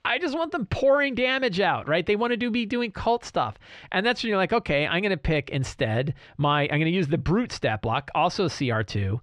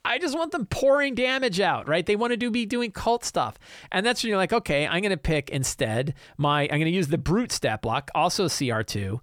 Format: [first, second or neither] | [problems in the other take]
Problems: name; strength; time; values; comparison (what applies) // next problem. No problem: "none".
second | muffled; very slightly; fading above 3 kHz